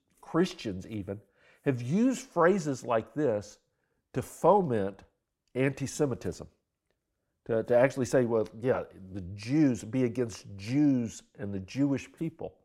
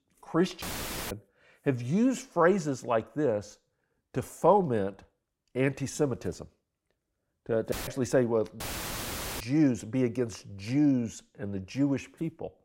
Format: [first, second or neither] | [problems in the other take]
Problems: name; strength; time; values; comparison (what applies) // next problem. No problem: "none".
first | audio cutting out; filled with static; at 0.5 s, at 7.5 s and at 8.5 s for 1 s